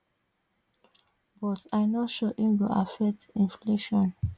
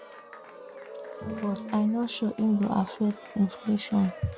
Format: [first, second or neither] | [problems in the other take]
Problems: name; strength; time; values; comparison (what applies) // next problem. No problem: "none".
first | background sound (Cheering + Bowed string instrument); 13 dB below the speech